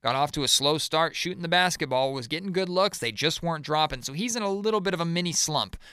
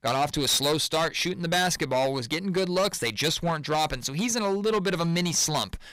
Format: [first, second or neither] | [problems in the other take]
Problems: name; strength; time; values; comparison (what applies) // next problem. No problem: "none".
first | distortion; heavy; 12% of the sound clipped